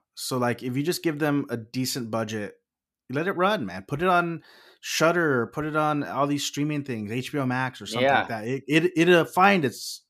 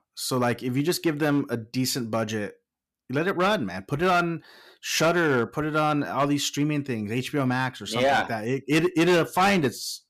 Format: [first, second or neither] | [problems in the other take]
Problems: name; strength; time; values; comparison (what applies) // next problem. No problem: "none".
first | distortion; slight; 5% of the sound clipped